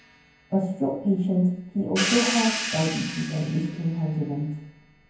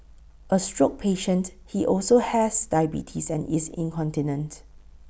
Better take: second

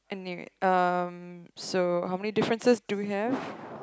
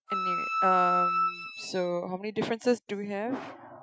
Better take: first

